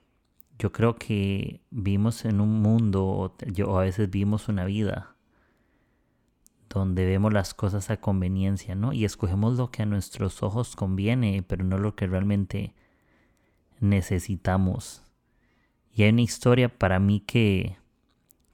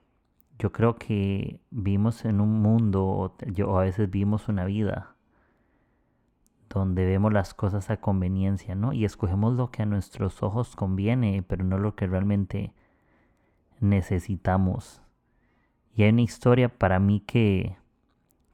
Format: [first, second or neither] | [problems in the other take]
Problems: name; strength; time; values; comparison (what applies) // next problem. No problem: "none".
first | muffled; slightly; fading above 2.5 kHz